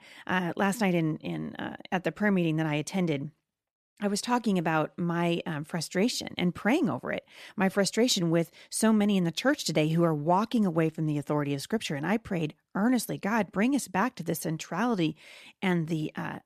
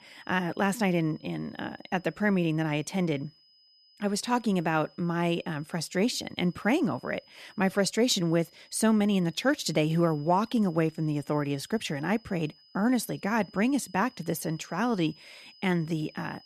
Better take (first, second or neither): first